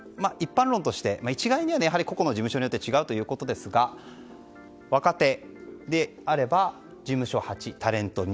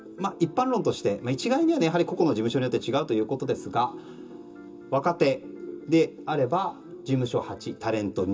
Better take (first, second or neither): first